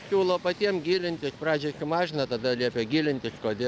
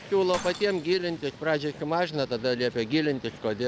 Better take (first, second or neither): first